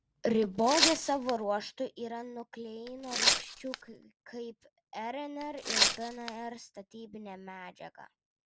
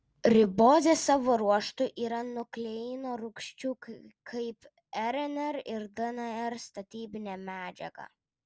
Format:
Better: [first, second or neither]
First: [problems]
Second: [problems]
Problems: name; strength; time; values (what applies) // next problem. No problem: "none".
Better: second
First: background sound (Tearing); 3 dB above the speech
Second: none